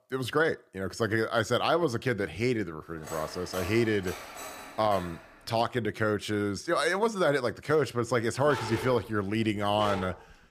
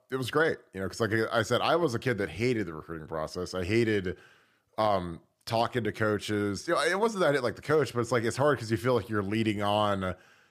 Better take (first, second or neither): second